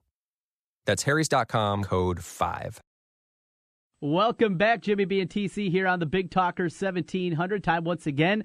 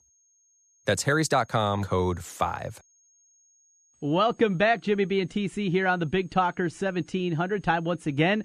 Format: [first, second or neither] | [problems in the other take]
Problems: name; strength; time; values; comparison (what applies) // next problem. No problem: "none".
first | high-pitched whine; faint; throughout; 6.5 kHz, 35 dB below the speech